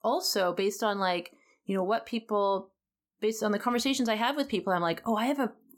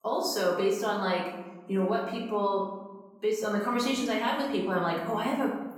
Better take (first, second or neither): first